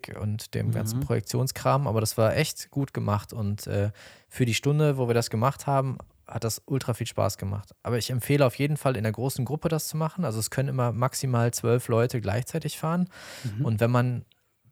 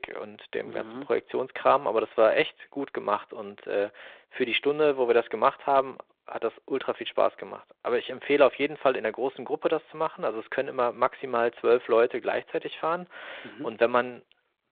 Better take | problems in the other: first | phone-call audio

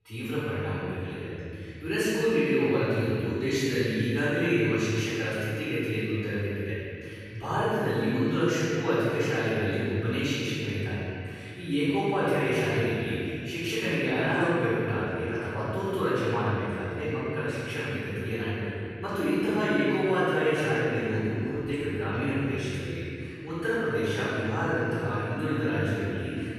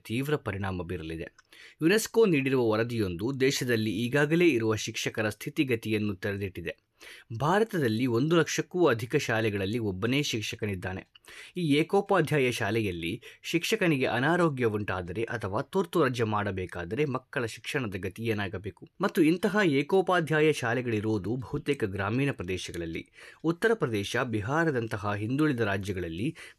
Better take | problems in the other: second | off-mic speech; far // room echo; strong; dies away in 2.7 s

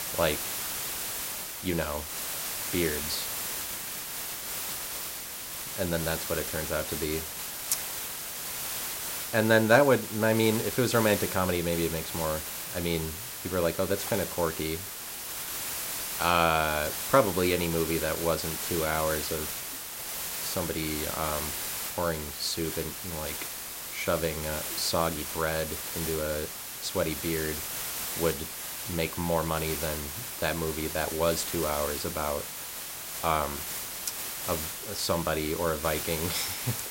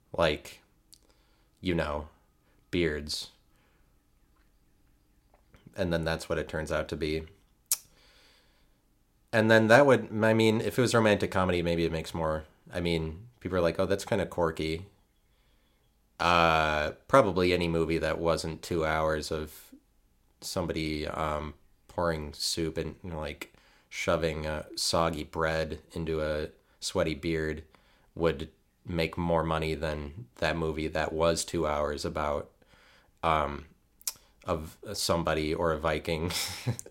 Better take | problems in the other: second | hiss; loud; throughout; 3 dB below the speech

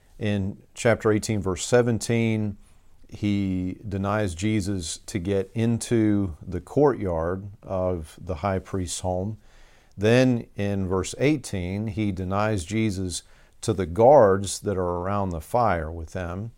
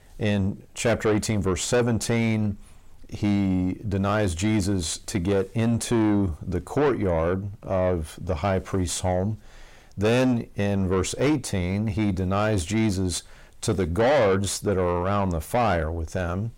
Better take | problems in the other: first | distortion; heavy; 6 dB below the speech

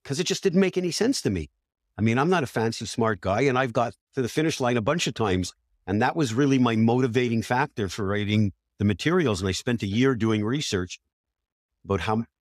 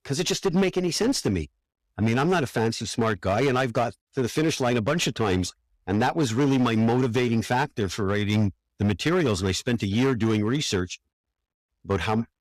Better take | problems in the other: first | distortion; slight; 12% of the sound clipped

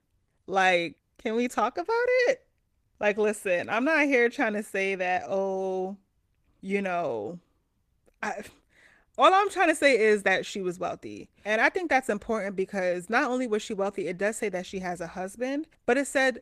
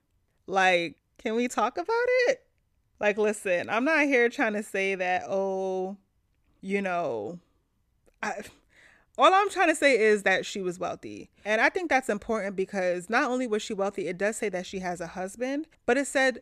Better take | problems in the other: second | garbled, watery; slightly

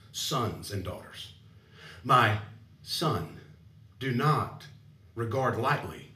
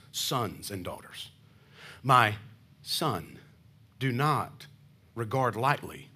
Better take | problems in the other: second | room echo; very slight; dies away in 0.3 s // off-mic speech; somewhat distant

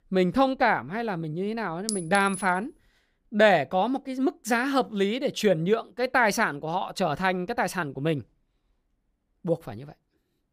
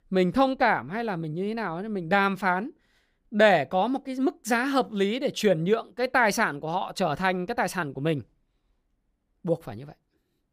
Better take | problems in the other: second | clattering dishes; noticeable; at 2 s; peak 7 dB below the speech

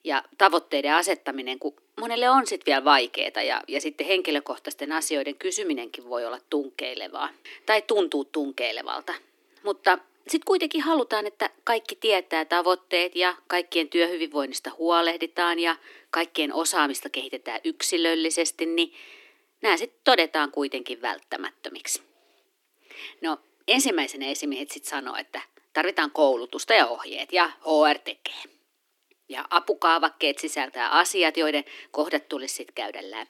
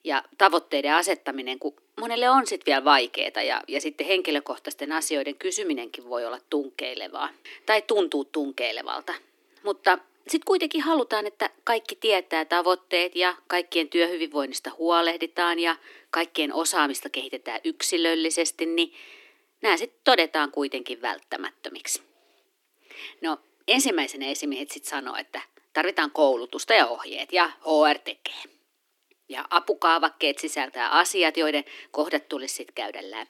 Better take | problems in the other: neither | thin; somewhat; fading below 300 Hz; the same in both

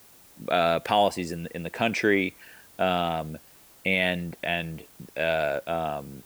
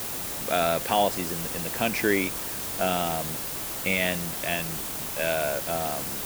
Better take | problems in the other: first | hiss; loud; throughout; 2 dB below the speech; faint in the first

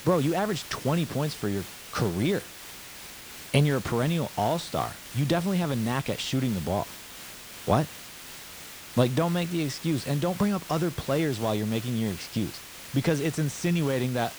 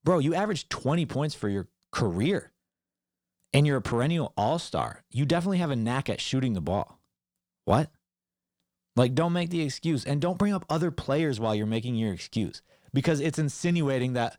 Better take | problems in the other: second | hiss; noticeable; throughout; 10 dB below the speech

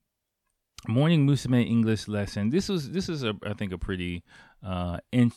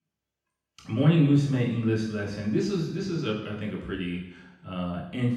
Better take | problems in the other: first | room echo; noticeable; dies away in 0.9 s // off-mic speech; far

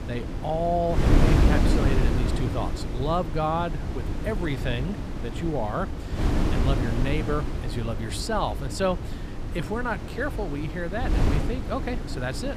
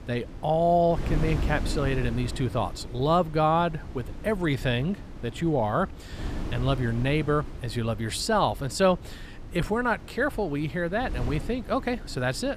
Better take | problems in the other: second | wind noise on the microphone; heavy; 5 dB below the speech; occasional gusts in the second

